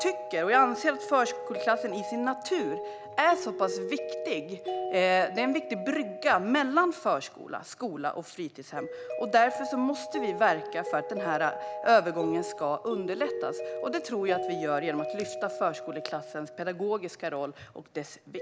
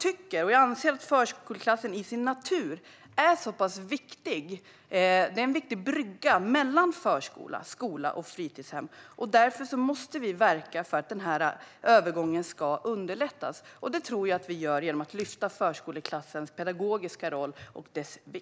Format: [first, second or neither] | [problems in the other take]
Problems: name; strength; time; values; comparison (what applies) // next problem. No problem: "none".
second | background sound (Mallet percussion); 8 dB below the speech